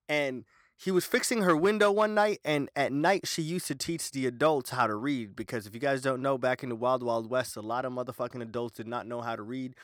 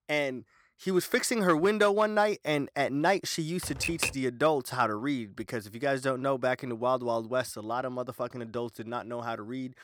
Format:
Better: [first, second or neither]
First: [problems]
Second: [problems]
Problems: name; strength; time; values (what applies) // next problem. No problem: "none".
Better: first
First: none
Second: keyboard typing; noticeable; at 3.5 s; peak 1 dB below the speech